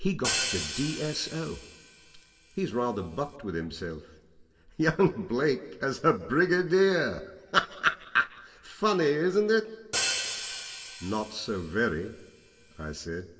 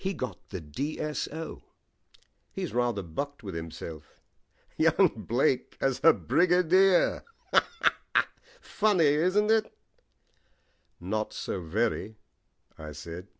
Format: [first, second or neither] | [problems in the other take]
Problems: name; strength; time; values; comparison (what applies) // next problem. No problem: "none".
second | background sound (Hi-hat); 7 dB below the speech // room echo; dies away in 1.4 s